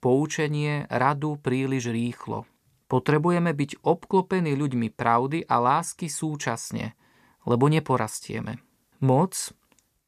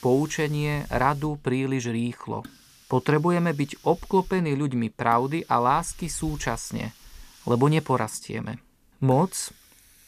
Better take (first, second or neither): first